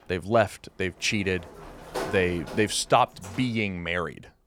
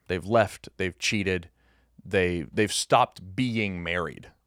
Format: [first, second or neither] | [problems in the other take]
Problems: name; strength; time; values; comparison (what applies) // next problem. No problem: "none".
second | door banging; noticeable; from 1.5 to 3.5 s; peak 7 dB below the speech